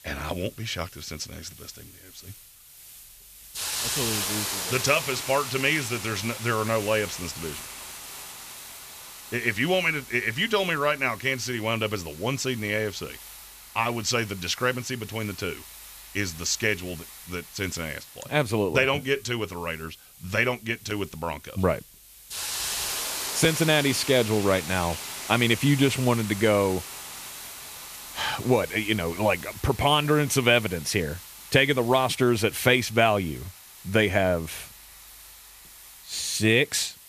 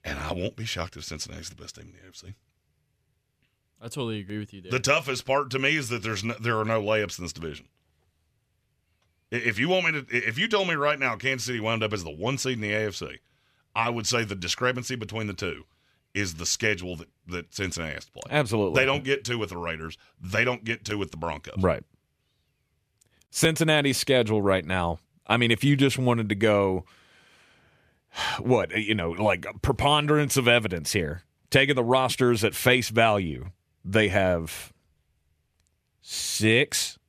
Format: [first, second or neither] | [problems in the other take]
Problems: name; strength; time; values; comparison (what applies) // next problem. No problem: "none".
second | hiss; loud; throughout; 10 dB below the speech